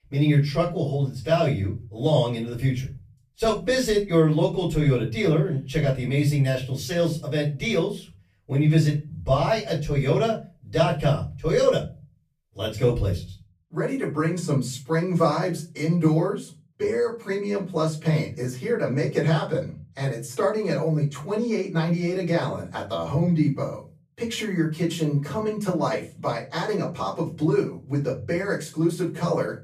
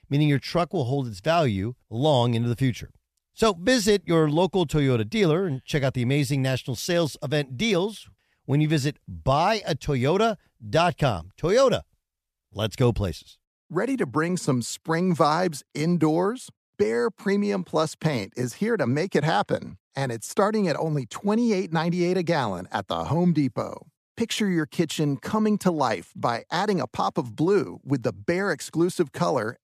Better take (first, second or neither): second